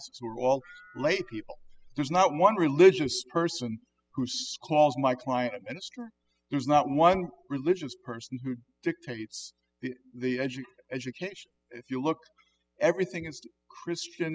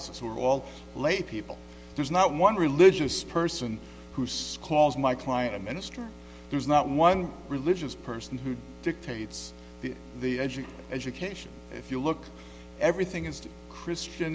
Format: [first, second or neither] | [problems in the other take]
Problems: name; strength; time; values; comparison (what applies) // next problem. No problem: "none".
second | noise reduction (classical method spectral subtraction)